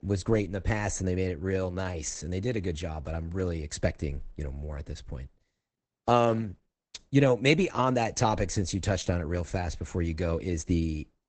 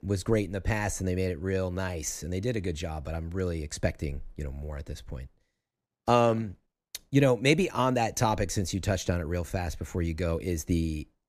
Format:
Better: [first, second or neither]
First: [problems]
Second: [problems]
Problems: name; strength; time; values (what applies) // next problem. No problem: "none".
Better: second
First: garbled, watery; badly; nothing above 8 kHz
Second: none